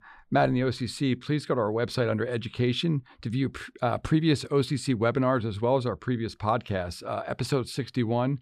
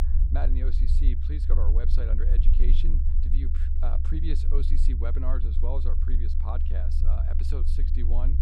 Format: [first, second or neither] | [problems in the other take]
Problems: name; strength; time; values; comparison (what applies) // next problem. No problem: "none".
first | low rumble; loud; throughout; 4 dB below the speech